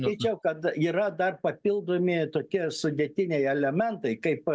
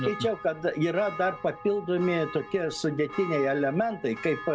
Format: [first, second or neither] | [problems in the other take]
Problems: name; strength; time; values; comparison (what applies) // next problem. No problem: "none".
first | background sound (Church bell); 13 dB below the speech